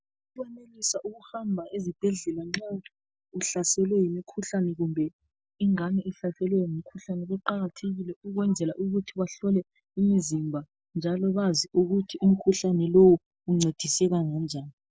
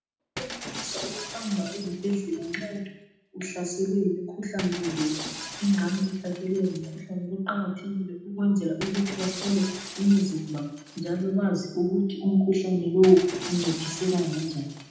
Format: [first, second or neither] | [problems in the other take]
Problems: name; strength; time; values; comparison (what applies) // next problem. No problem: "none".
first | background sound (Shatter); 13 dB below the speech // room echo; dies away in 0.8 s